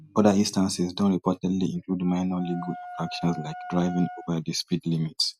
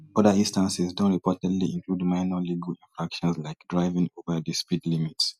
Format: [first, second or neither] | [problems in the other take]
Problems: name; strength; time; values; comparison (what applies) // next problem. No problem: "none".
second | background sound (Wind instrument, woodwind instrument); 15 dB below the speech